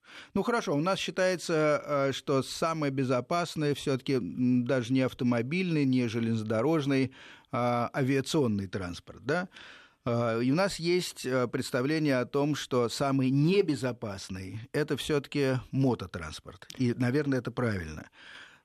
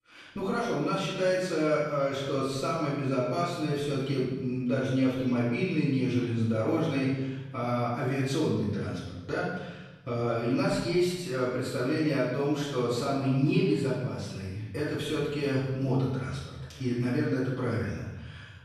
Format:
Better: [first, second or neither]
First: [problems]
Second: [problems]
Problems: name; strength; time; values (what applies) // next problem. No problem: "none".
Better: first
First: none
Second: off-mic speech; far // room echo; strong; dies away in 1.1 s